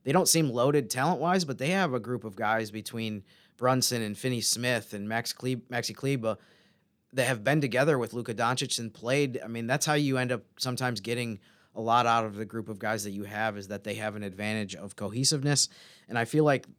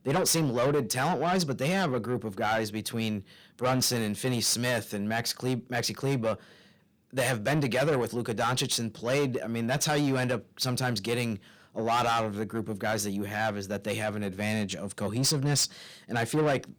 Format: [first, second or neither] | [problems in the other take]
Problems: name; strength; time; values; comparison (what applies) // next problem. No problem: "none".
first | distortion; heavy; 8 dB below the speech